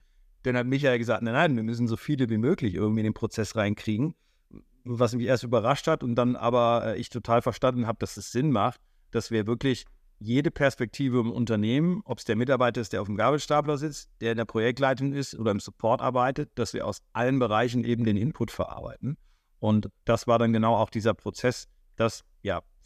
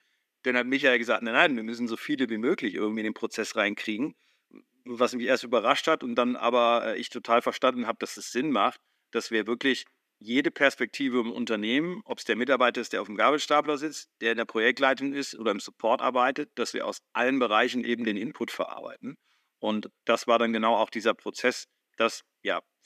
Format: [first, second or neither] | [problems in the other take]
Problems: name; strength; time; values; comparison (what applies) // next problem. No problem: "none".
first | thin; very slightly; fading below 250 Hz